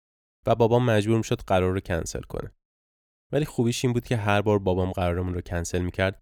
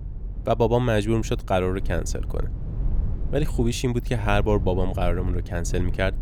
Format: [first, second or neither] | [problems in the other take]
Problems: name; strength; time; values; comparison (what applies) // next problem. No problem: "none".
first | low rumble; noticeable; throughout; 20 dB below the speech